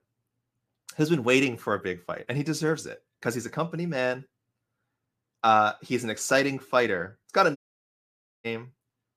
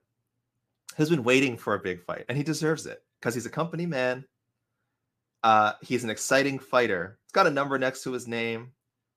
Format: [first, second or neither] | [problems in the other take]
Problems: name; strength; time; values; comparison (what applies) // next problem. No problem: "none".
second | audio cutting out; at 7.5 s for 1 s